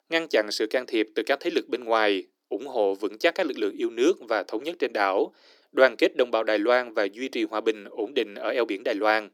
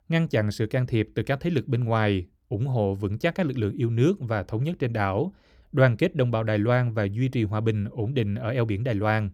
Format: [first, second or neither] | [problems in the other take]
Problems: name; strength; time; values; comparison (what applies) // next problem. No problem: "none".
second | thin; very; fading below 300 Hz